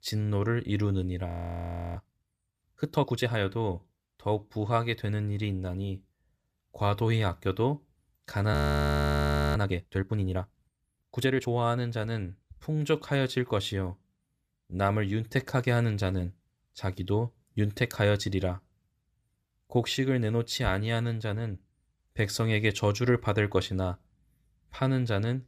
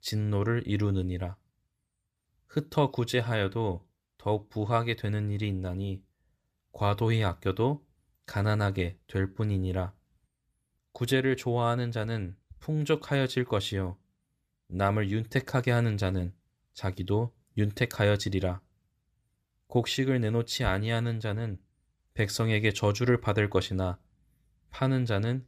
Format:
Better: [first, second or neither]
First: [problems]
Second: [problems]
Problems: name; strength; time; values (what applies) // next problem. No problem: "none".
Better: second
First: audio freezing; at 1.5 s for 0.5 s and at 8.5 s for 1 s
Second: none